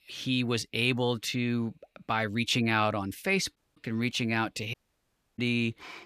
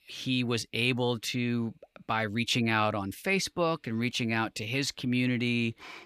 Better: second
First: audio cutting out; at 3.5 s and at 4.5 s for 0.5 s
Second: none

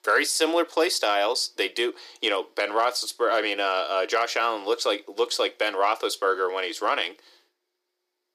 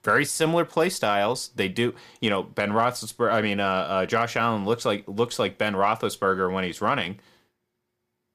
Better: second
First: thin; very; fading below 300 Hz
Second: none

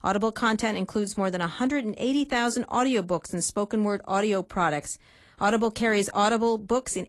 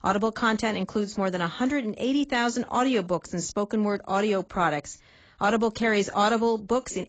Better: first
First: garbled, watery; slightly; nothing above 11 kHz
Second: garbled, watery; badly; nothing above 7.5 kHz

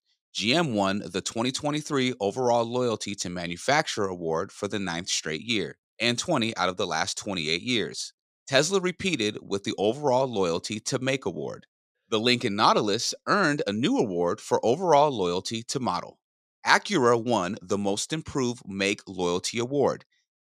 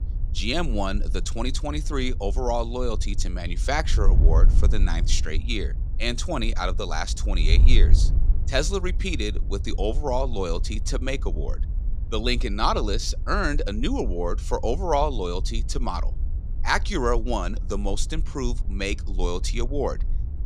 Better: first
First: none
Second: wind noise on the microphone; occasional gusts; 20 dB below the speech

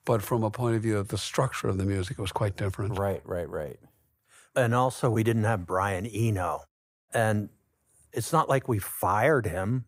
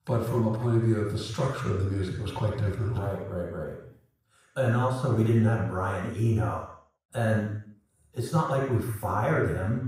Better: first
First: none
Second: room echo; noticeable; dies away in 0.7 s // off-mic speech; far

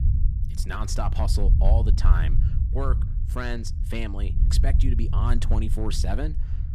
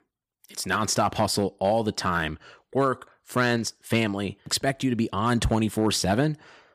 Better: second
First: low rumble; loud; throughout; 8 dB below the speech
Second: none

